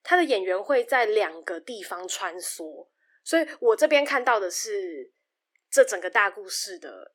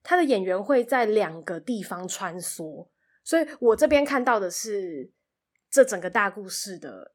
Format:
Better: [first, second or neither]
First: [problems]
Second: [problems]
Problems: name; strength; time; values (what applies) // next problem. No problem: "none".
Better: second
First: thin; somewhat; fading below 350 Hz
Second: none